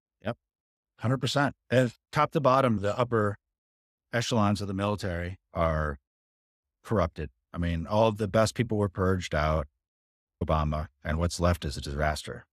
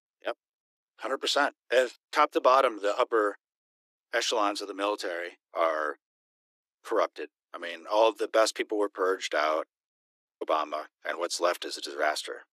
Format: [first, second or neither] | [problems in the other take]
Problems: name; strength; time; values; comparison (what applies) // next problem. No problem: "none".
first | thin; very; fading below 300 Hz